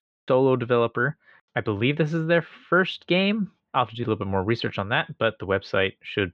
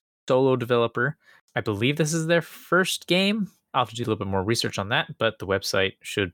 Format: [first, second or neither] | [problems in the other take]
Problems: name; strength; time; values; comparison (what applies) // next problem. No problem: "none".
second | muffled; slightly; fading above 3 kHz